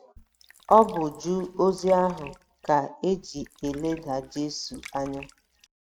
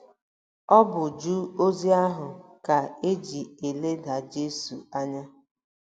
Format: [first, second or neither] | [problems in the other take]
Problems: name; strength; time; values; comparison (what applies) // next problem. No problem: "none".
second | noise reduction (neural mask model RNNoise)